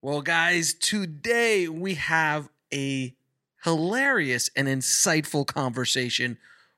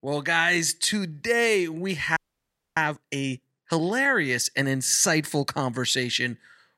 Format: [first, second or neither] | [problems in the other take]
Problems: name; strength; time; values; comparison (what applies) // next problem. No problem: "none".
first | audio freezing; at 2 s for 0.5 s